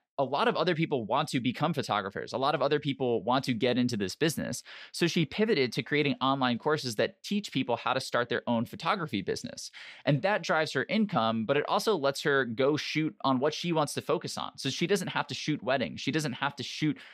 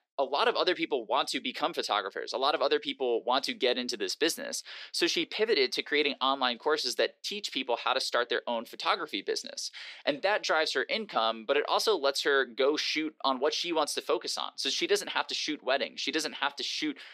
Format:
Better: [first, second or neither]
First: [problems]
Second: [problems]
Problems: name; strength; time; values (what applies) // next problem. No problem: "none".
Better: first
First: none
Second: thin; somewhat; fading below 350 Hz